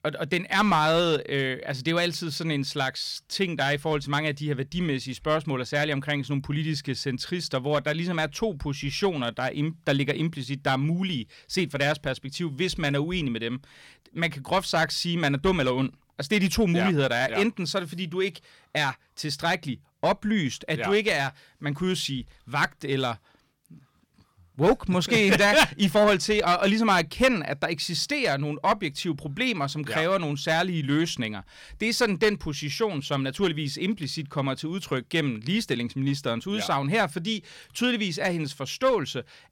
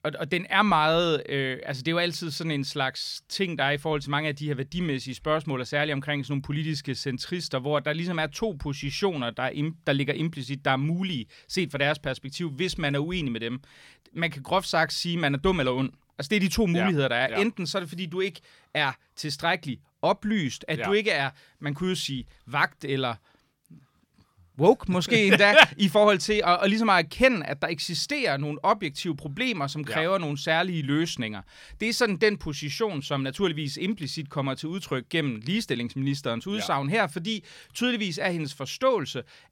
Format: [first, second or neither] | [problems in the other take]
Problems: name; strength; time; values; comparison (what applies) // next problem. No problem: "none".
second | distortion; slight; 2% of the sound clipped